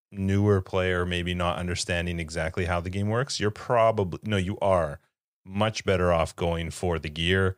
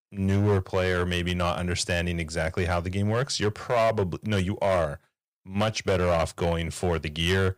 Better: first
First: none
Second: distortion; slight; 6% of the sound clipped

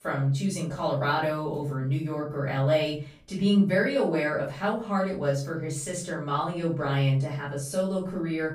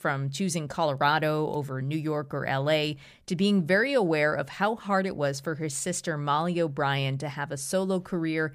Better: second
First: off-mic speech; far // room echo; slight; dies away in 0.3 s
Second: none

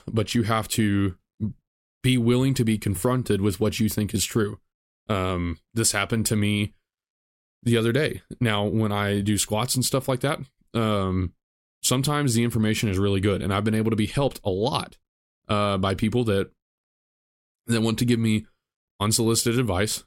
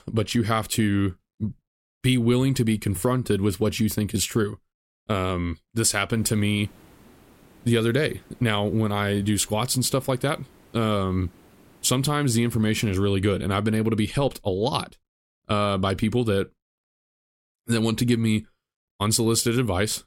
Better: first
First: none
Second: hiss; faint; from 6 to 13 s; 30 dB below the speech

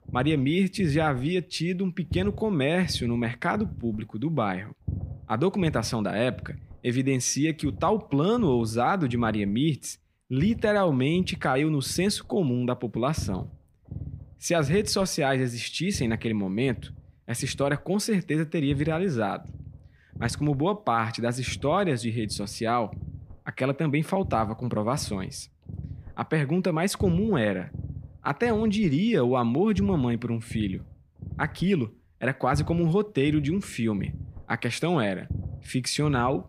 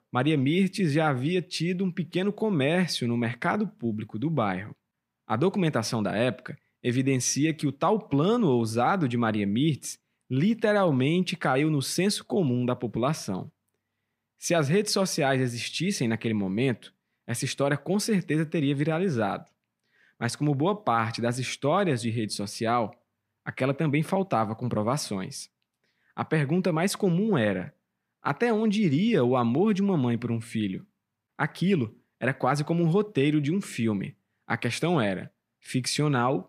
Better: second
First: low rumble; faint; throughout; 25 dB below the speech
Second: none

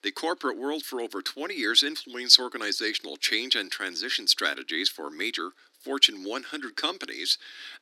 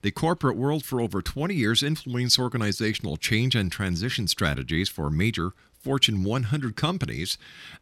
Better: second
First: thin; somewhat; fading below 300 Hz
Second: none

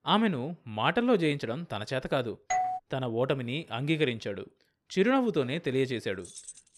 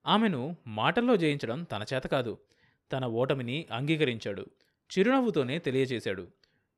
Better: second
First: doorbell; noticeable; at 2.5 s; peak 1 dB below the speech // jangling keys; faint; at 6 s; peak 15 dB below the speech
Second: none

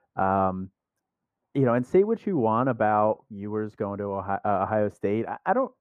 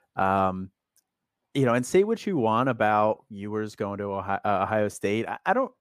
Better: second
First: muffled; very; fading above 2.5 kHz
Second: none

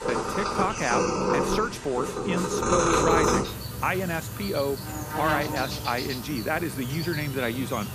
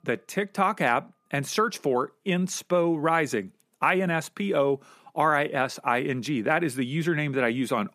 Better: second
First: animal sounds; very loud; throughout; 1 dB above the speech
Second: none

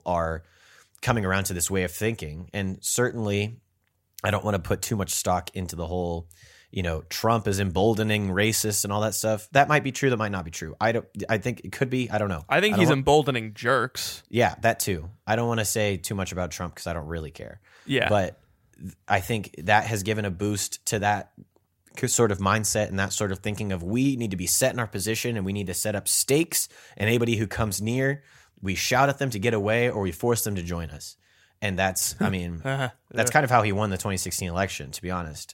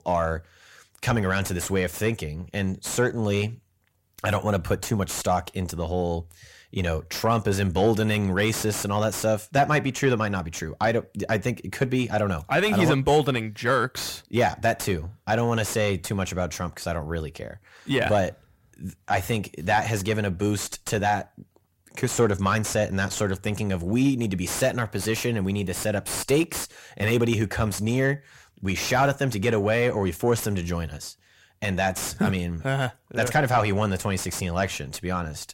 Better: first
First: none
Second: distortion; slight; 10 dB below the speech

